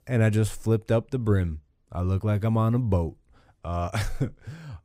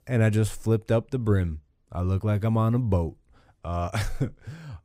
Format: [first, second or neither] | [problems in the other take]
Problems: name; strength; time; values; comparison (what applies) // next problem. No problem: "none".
neither | none